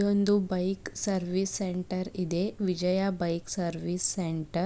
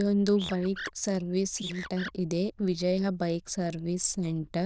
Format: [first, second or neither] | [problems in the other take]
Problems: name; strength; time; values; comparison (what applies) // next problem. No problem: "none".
first | noise reduction (neural diffusion model UNIVERSE++)